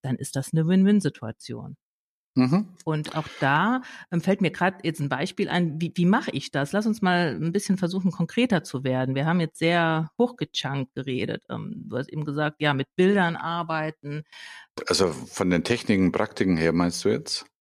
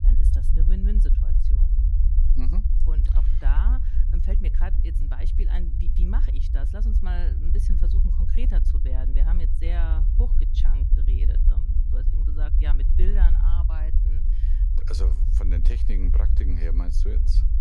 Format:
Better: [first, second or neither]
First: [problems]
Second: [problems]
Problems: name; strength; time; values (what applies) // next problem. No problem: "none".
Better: first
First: none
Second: low rumble; loud; throughout; 3 dB below the speech